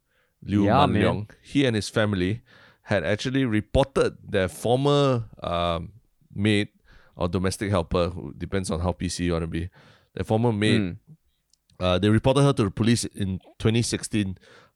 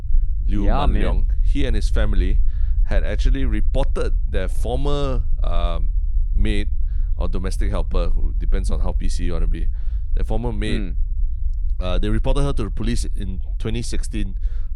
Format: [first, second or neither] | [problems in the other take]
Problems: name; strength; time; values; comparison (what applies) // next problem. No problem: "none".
first | low rumble; noticeable; throughout; 20 dB below the speech